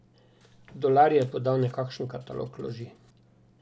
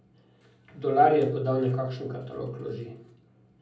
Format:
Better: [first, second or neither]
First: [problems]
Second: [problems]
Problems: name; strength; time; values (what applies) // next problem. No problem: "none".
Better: first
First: none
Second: room echo; dies away in 0.6 s